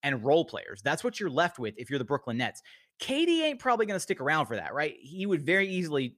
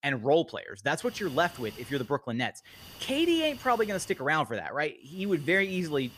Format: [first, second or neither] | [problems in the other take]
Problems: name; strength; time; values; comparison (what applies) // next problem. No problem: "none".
first | hiss; noticeable; from 1 to 2 s, from 2.5 to 4 s and from 5 s on; 20 dB below the speech